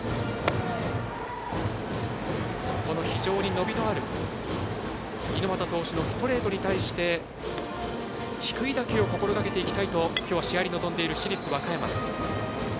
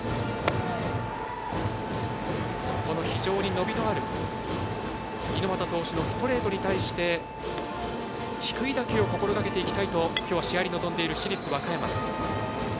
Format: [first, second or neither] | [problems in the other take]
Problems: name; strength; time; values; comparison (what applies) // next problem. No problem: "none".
first | background sound (Wind instrument, woodwind instrument); 12 dB below the speech